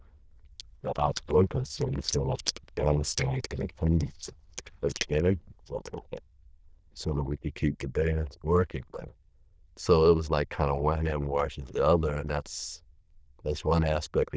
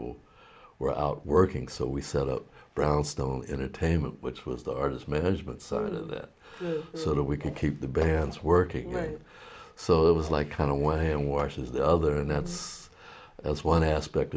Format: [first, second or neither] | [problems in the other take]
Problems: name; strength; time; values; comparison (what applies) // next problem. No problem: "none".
second | noise reduction (neural diffusion model UNIVERSE++)